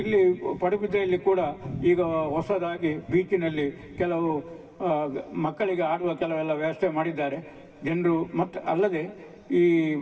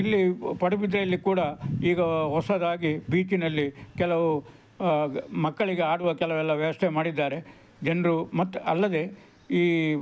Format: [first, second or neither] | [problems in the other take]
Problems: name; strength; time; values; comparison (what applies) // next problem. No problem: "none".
second | room echo; dies away in 2.5 s